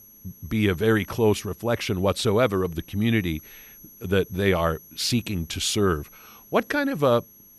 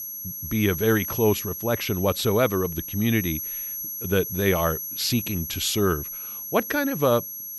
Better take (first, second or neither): first